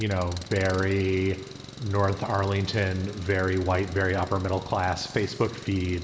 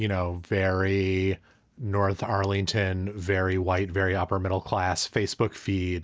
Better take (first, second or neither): second